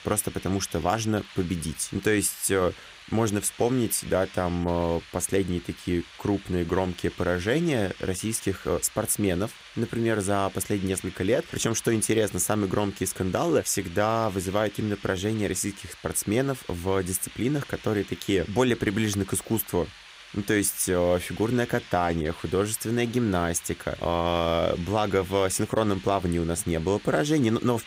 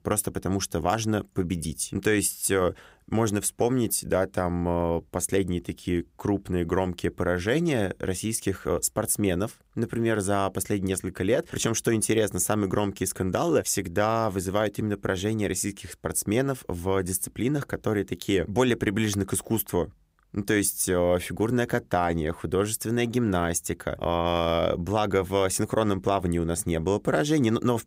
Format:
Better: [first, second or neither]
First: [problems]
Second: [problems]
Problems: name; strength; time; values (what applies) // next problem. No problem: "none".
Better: second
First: hiss; noticeable; throughout; 20 dB below the speech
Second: none